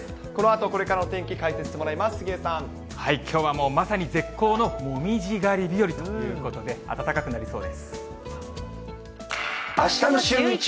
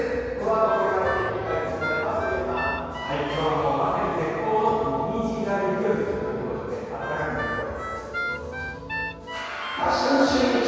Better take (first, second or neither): first